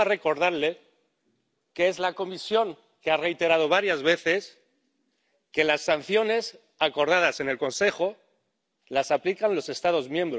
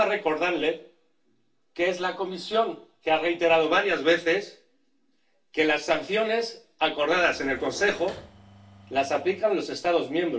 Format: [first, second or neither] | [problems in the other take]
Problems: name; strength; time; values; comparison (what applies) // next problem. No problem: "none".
first | background sound (Engine / Mechanisms); 19 dB below the speech // room echo; dies away in 0.3 s